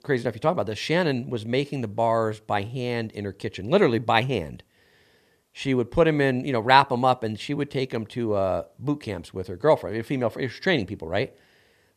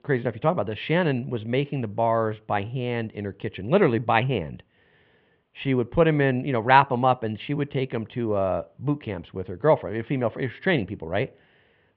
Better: first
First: none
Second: muffled; very; fading above 3 kHz

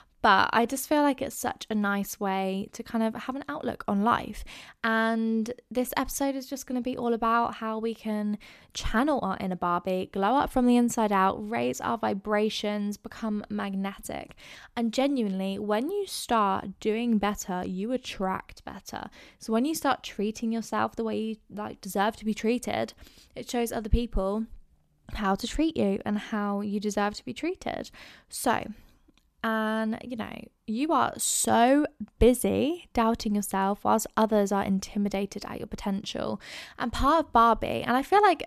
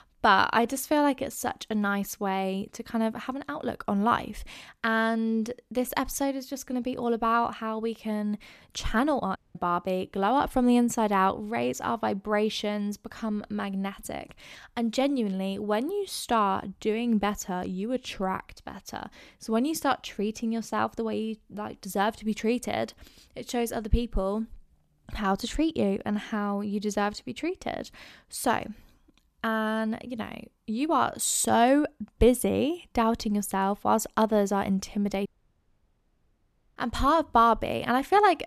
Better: first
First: none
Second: audio cutting out; at 9.5 s and at 35 s for 1.5 s

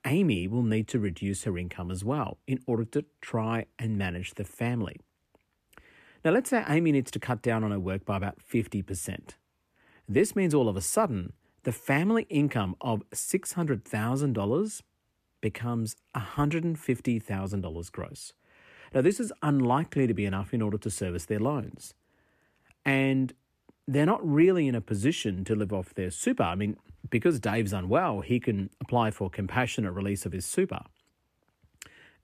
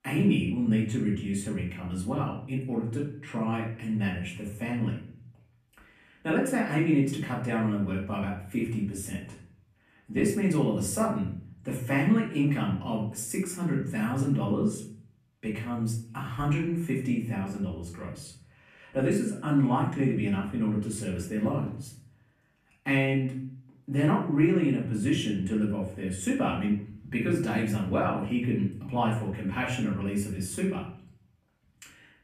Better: first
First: none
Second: off-mic speech; far // room echo; slight; dies away in 0.5 s

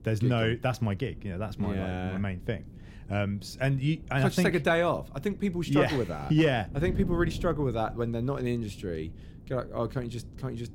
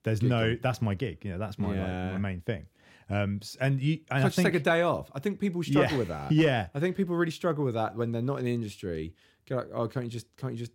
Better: second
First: wind noise on the microphone; occasional gusts; 20 dB below the speech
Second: none

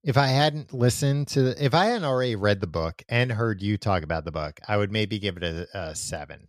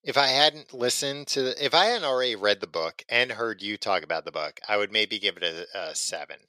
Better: first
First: none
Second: thin; very; fading below 450 Hz

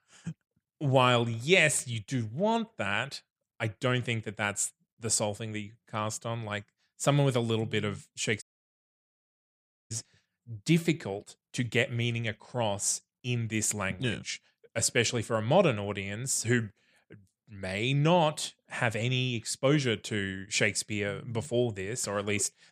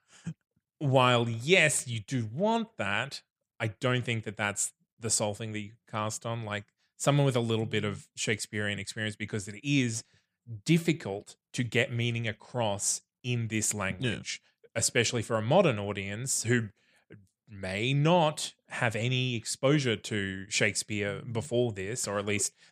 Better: second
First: audio cutting out; at 8.5 s for 1.5 s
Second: none

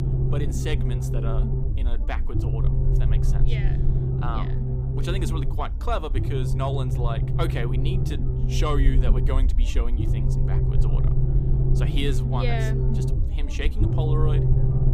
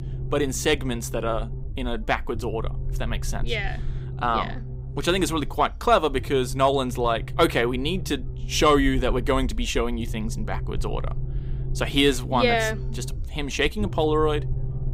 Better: second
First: low rumble; loud; throughout; 3 dB below the speech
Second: low rumble; faint; throughout; 20 dB below the speech

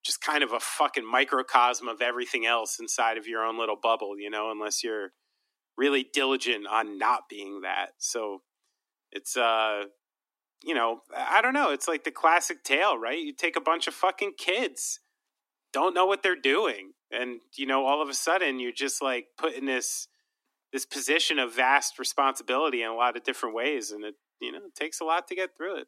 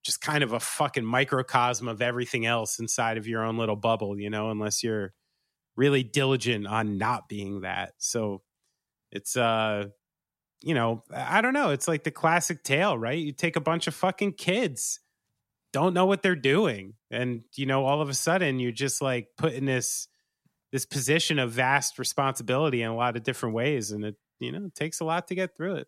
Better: second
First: thin; somewhat; fading below 250 Hz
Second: none

